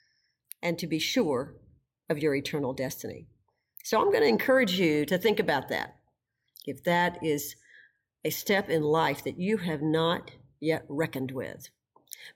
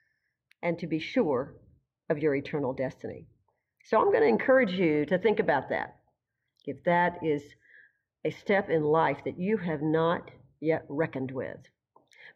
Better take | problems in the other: first | muffled; very; fading above 2 kHz

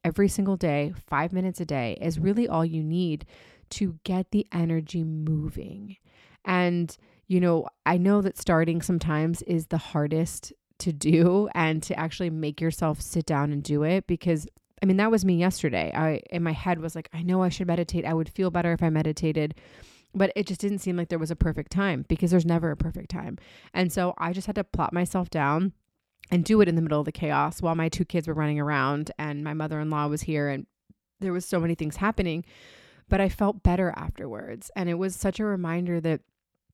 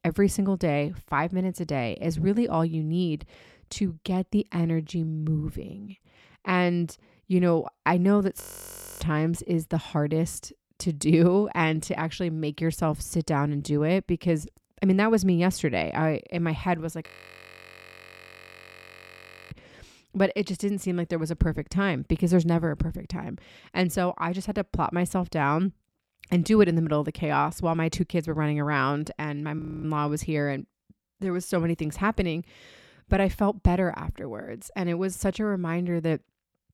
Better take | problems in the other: first | audio freezing; at 8.5 s for 0.5 s, at 17 s for 2.5 s and at 30 s

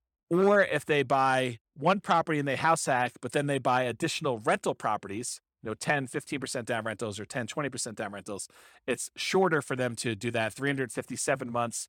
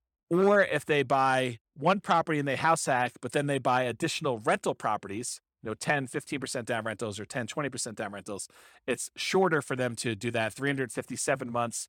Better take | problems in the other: neither | none

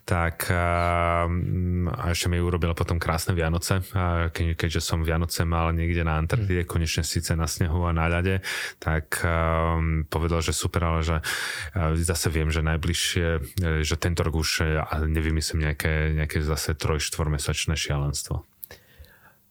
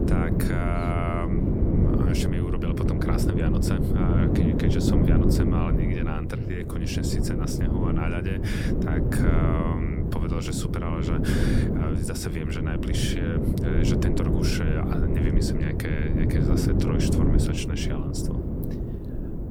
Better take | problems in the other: first | wind noise on the microphone; heavy; 2 dB above the speech

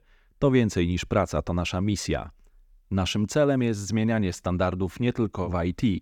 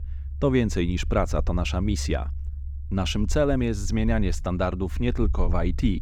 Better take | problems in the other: first | low rumble; faint; throughout; 20 dB below the speech

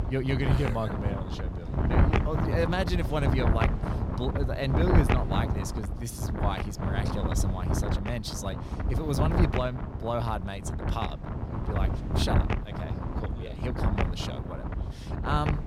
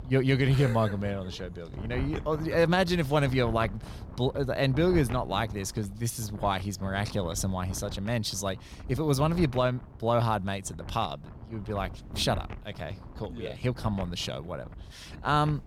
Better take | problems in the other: second | wind noise on the microphone; heavy; 2 dB below the speech; occasional gusts in the second

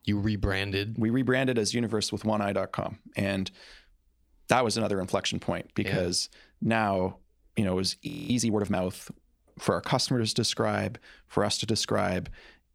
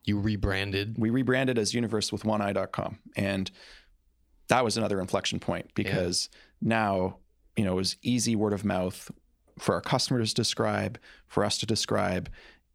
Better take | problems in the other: second | audio freezing; at 8 s

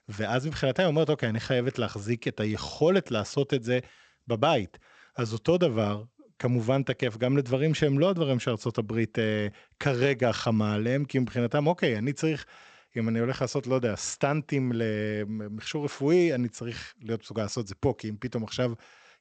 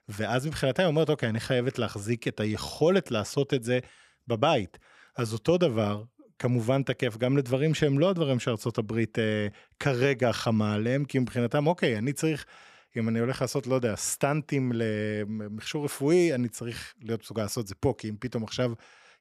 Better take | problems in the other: second | garbled, watery; slightly; nothing above 8 kHz

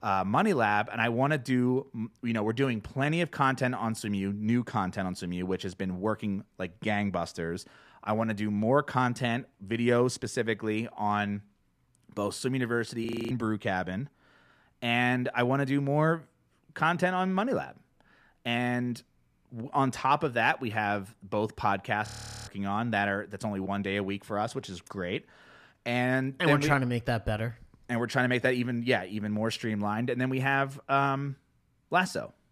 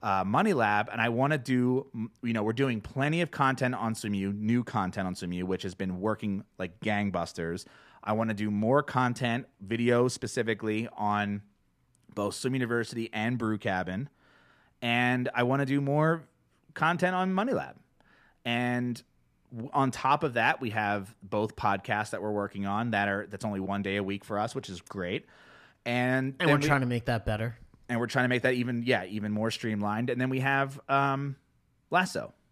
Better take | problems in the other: second | audio freezing; at 13 s and at 22 s

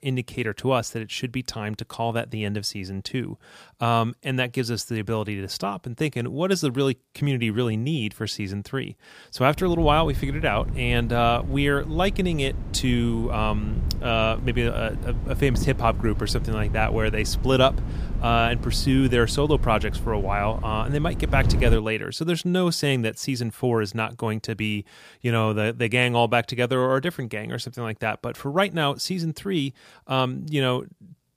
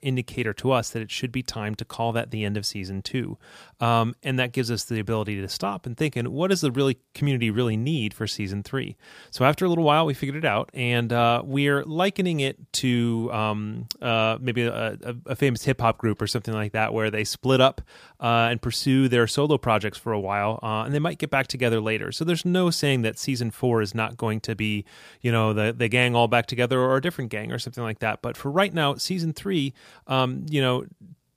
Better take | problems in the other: second | wind noise on the microphone; occasional gusts; from 9.5 to 22 s; 15 dB below the speech

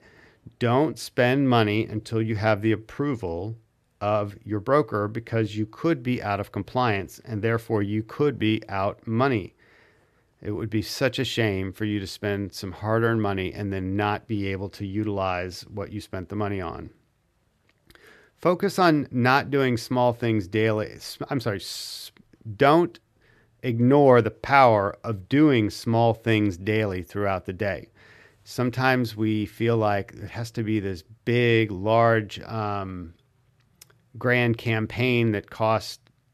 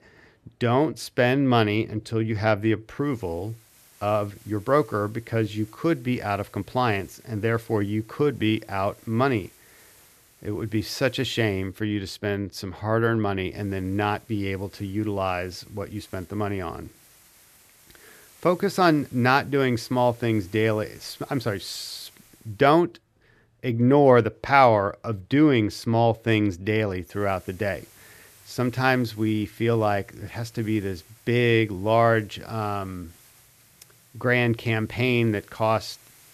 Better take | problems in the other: first | hiss; faint; from 3 to 12 s, from 14 to 23 s and from 27 s on; 30 dB below the speech

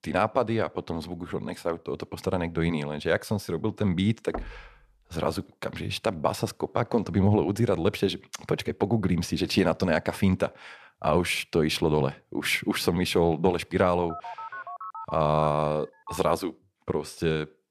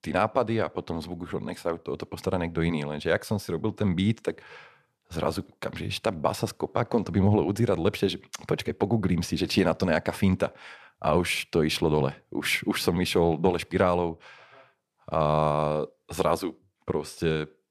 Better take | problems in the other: second | door banging; faint; at 4.5 s; peak 10 dB below the speech // phone ringing; faint; from 14 to 16 s; peak 10 dB below the speech

